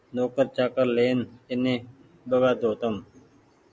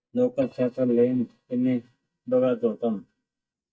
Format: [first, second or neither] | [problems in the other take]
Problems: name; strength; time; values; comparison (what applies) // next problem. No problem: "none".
first | noise reduction (neural mask model DeepFilterNet 3)